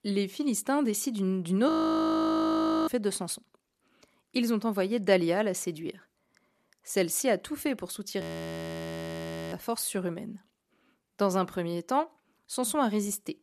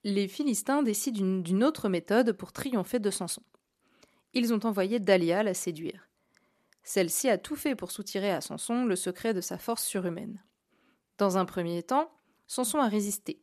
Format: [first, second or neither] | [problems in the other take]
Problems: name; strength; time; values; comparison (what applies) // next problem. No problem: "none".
second | audio freezing; at 1.5 s for 1 s and at 8 s for 1.5 s